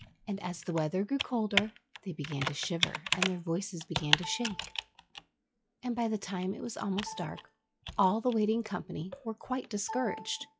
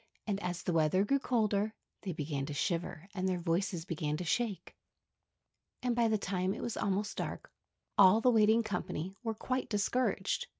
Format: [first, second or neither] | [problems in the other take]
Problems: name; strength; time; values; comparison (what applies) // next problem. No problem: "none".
second | noise reduction (classical method log-MMSE)